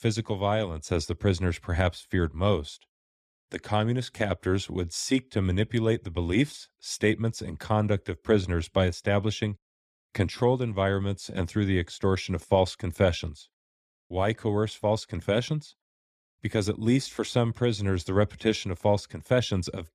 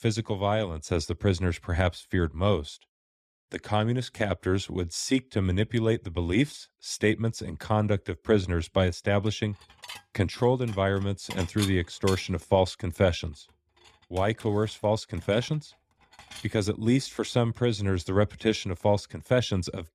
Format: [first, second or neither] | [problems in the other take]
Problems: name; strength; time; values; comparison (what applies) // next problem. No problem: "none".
first | clattering dishes; noticeable; from 10 to 16 s; peak 7 dB below the speech